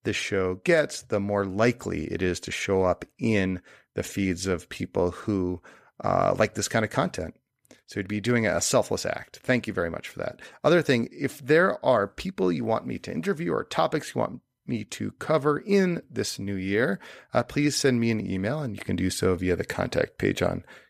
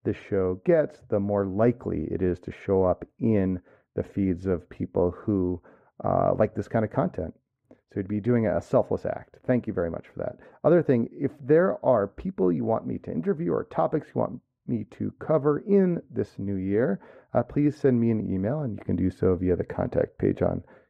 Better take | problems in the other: first | muffled; very; fading above 2 kHz

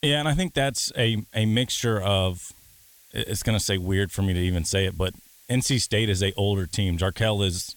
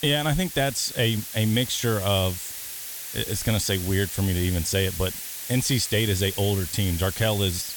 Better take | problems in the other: first | hiss; loud; throughout; 8 dB below the speech; faint in the first

